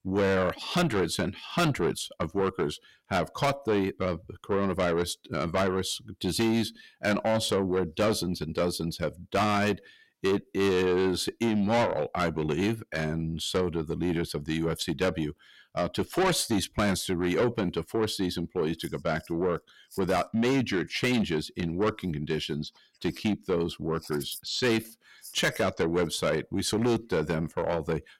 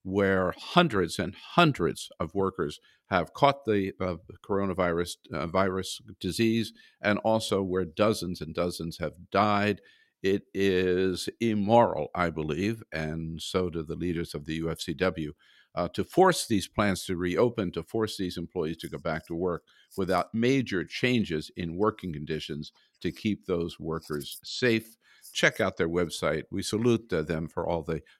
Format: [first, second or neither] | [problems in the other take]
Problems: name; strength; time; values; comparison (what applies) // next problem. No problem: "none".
second | distortion; heavy; 7 dB below the speech